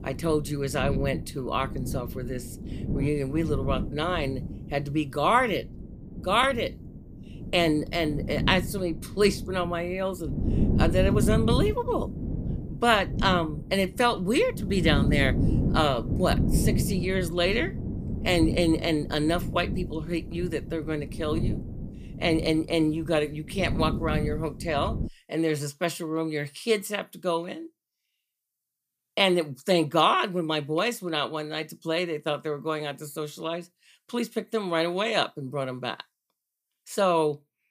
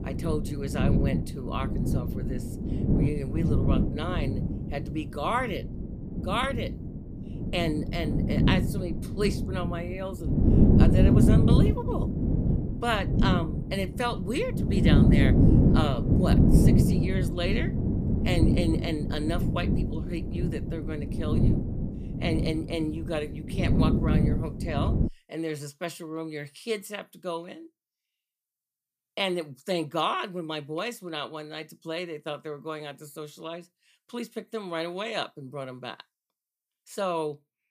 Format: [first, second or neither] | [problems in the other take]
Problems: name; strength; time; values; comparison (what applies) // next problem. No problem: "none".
first | wind noise on the microphone; heavy; until 25 s; 1 dB below the speech; occasional gusts in the first